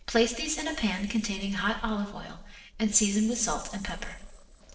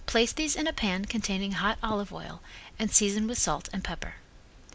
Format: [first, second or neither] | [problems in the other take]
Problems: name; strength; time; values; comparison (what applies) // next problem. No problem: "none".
second | noise reduction (neural separator model SepFormer DNS4)